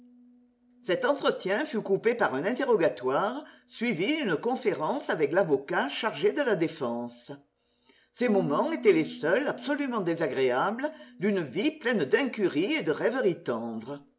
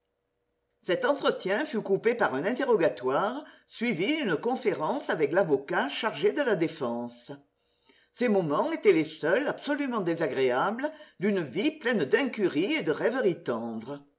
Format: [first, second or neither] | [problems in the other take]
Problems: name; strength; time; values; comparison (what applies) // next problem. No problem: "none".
second | background sound (Harp); 20 dB below the speech